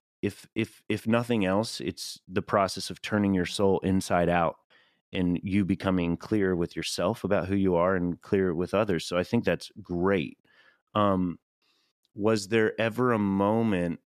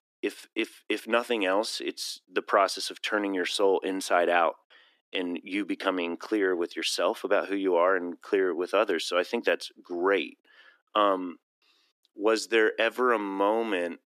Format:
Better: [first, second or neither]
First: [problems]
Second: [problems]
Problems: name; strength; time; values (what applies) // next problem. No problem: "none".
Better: first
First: none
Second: thin; somewhat; fading below 300 Hz